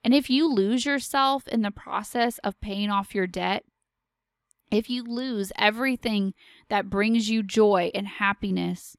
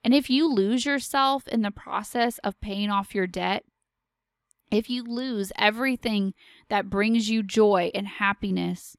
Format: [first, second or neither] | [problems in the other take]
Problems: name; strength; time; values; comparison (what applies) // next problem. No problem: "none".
neither | none